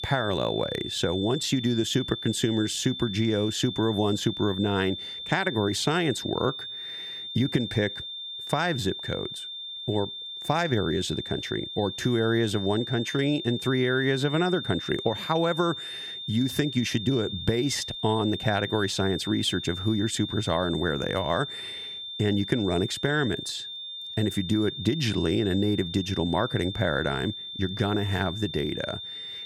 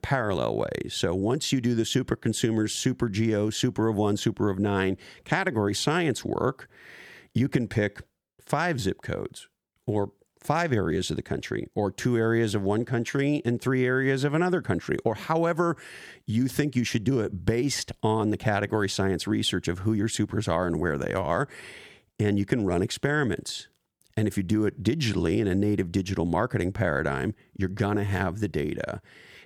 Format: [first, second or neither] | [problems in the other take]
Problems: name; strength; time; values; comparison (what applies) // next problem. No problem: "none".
second | high-pitched whine; loud; throughout; 3.5 kHz, 7 dB below the speech